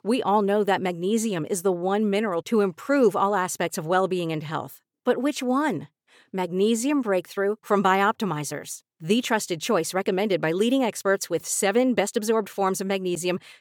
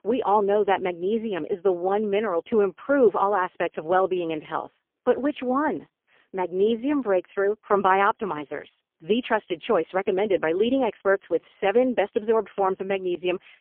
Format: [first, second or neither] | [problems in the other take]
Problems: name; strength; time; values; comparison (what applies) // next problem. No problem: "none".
first | phone-call audio; poor line; nothing above 3.5 kHz